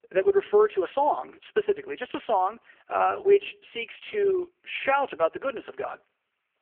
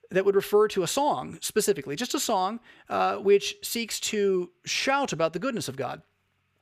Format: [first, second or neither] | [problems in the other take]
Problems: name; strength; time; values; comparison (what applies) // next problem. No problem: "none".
second | phone-call audio; poor line; nothing above 3.5 kHz